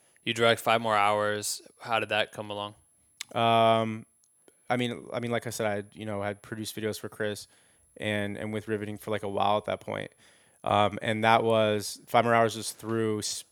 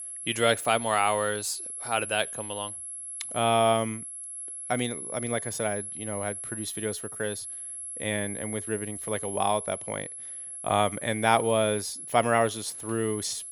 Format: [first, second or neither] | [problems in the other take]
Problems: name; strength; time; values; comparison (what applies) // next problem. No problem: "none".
first | high-pitched whine; loud; throughout; 11 kHz, 7 dB below the speech; faint in the first